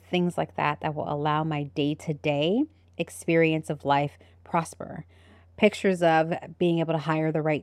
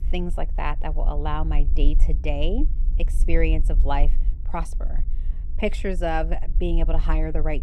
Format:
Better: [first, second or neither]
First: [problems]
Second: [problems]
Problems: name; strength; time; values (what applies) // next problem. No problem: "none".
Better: first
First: none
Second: low rumble; noticeable; throughout; 20 dB below the speech